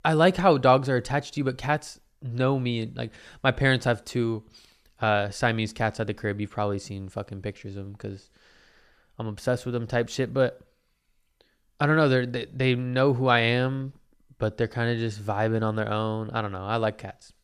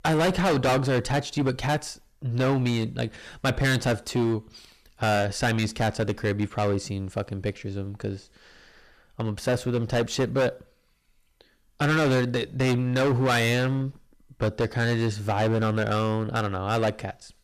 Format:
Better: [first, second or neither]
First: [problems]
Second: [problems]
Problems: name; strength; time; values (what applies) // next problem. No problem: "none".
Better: first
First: none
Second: distortion; heavy; 13% of the sound clipped